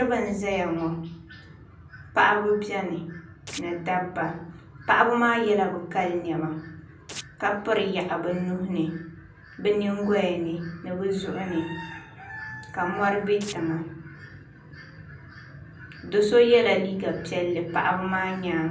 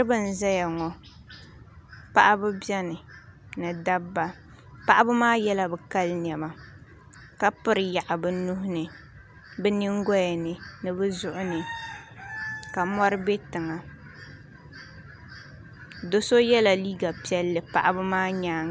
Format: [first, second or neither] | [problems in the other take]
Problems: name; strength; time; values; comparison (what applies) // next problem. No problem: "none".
second | background sound (Domestic sounds, home sounds); 17 dB below the speech // room echo; dies away in 0.6 s